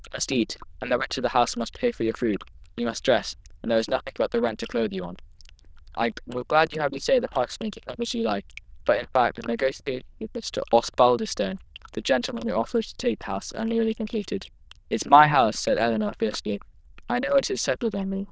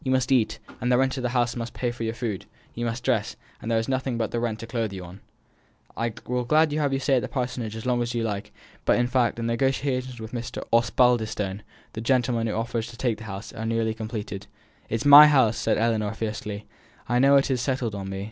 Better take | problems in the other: second | noise reduction (neural diffusion model UNIVERSE++)

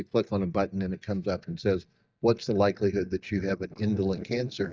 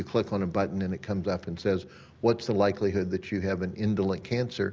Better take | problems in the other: second | noise reduction (neural mask model DeepFilterNet 3)

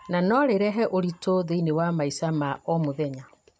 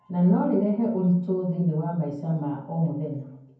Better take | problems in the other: first | room echo; dies away in 0.9 s

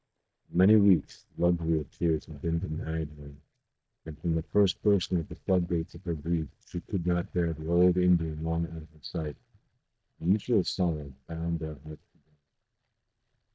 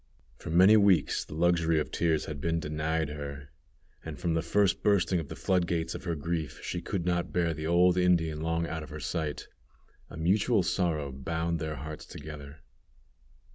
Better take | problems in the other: second | noise reduction (neural mask model DeepFilterNet 3)

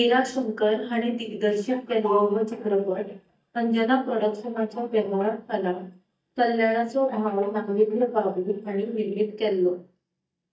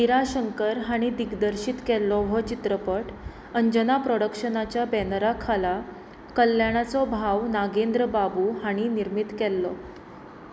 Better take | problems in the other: second | noise reduction (neural mask model DeepFilterNet 3)

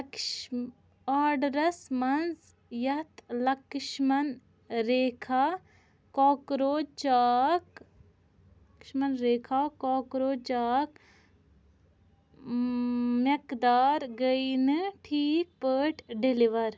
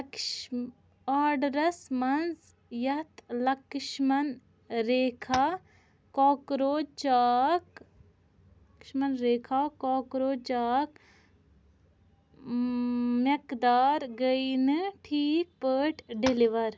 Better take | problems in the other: first | background sound (Tap); 11 dB below the speech

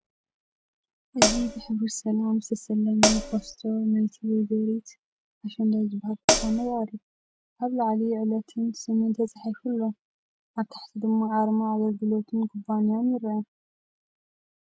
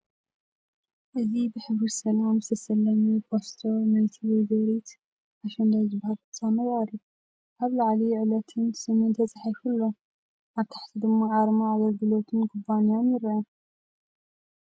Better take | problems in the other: second | background sound (Hi-hat); 3 dB above the speech

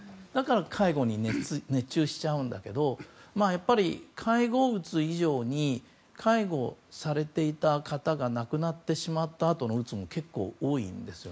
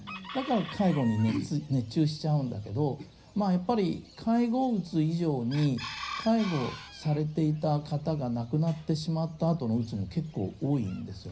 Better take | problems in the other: first | background sound (Chicken, rooster); 17 dB below the speech // room echo; dies away in 0.4 s

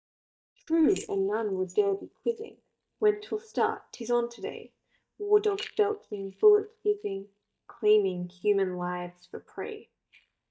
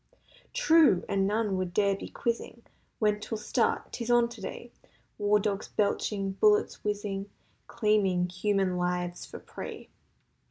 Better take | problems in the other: second | noise reduction (neural mask model DeepFilterNet 3)

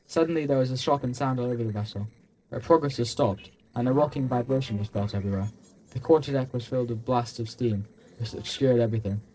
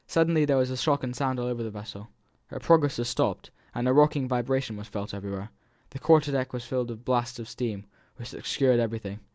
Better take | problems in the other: second | noise reduction (neural separator model SepFormer DNS4)

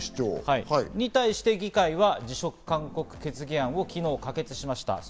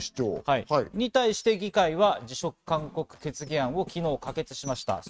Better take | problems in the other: first | noise reduction (neural mask model RNNoise)

